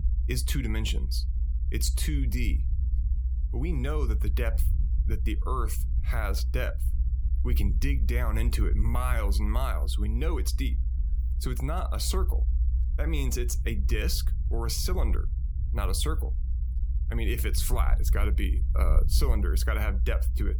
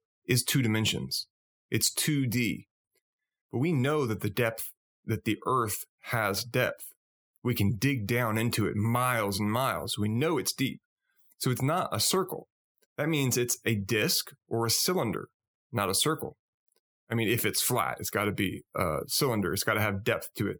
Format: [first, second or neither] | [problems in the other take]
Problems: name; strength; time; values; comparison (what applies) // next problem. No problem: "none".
second | low rumble; noticeable; throughout; 15 dB below the speech